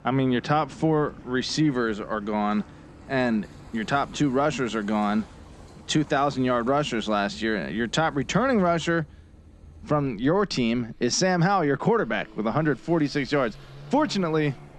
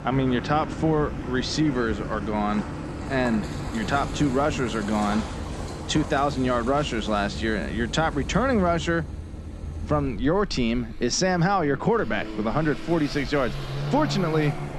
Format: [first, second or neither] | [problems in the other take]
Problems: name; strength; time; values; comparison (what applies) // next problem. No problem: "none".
first | traffic noise; loud; throughout; 9 dB below the speech; faint in the first